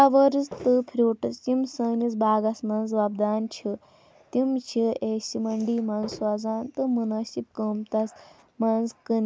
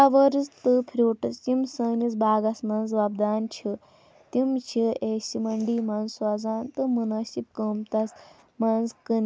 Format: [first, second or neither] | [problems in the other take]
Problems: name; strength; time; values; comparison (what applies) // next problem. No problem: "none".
second | background sound (Walk, footsteps); 14 dB below the speech